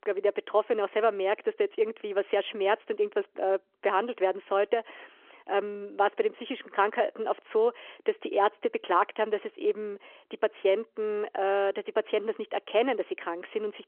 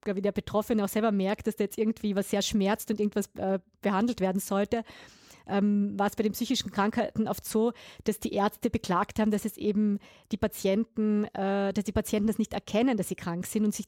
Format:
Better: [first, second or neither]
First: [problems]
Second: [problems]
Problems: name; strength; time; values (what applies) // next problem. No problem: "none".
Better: second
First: phone-call audio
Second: none